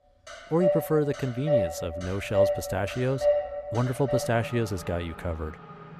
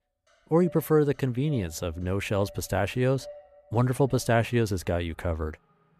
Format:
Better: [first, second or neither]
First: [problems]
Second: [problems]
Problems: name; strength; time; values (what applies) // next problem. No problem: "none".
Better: second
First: traffic noise; loud; throughout; as loud as the speech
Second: traffic noise; faint; throughout; 25 dB below the speech